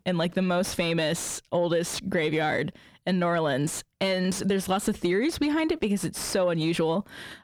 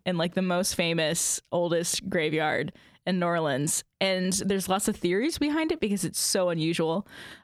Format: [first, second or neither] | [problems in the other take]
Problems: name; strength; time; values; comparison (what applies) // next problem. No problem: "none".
second | distortion; slight; 10 dB below the speech